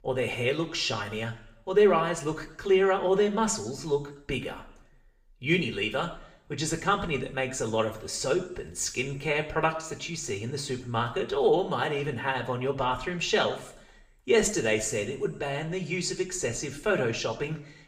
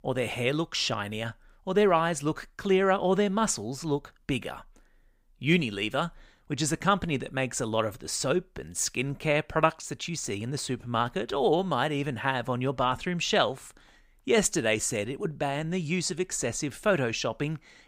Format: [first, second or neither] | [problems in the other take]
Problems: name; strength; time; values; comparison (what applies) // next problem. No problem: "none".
second | room echo; very slight; dies away in 0.6 s // off-mic speech; somewhat distant